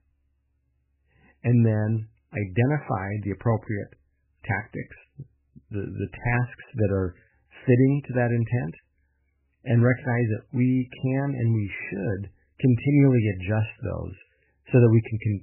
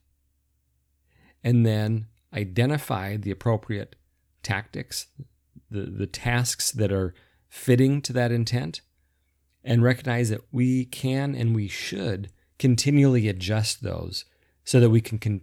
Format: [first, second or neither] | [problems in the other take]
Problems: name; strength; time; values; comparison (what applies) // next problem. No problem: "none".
second | garbled, watery; badly; nothing above 2.5 kHz